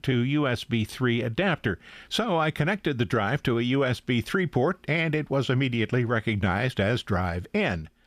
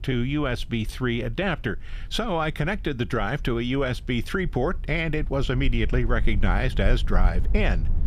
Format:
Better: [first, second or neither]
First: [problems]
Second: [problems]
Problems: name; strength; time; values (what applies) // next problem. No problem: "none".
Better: first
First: none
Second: low rumble; faint; throughout; 25 dB below the speech